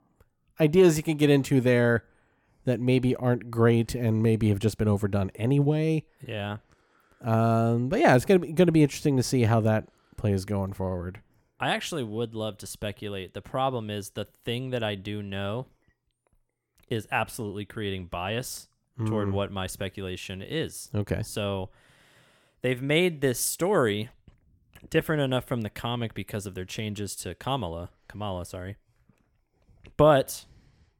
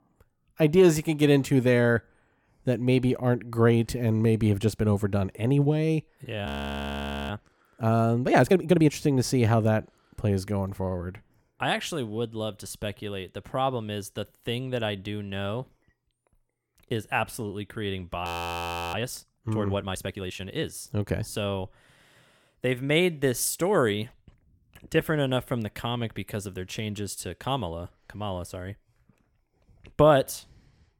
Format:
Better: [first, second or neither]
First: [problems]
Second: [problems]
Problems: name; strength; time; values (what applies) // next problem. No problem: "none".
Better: first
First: none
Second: audio freezing; at 6.5 s for 1 s and at 18 s for 0.5 s